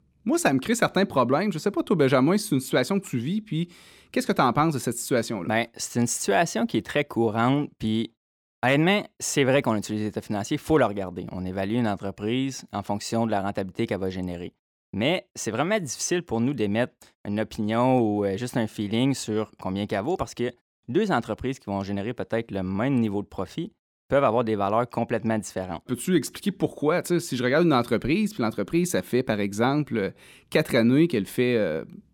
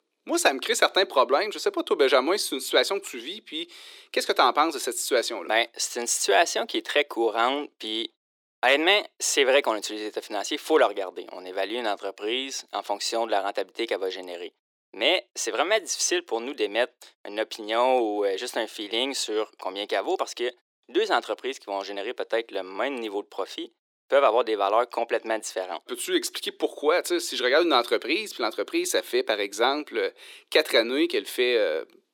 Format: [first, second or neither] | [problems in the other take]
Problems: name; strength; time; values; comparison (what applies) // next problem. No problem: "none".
first | thin; very; fading below 350 Hz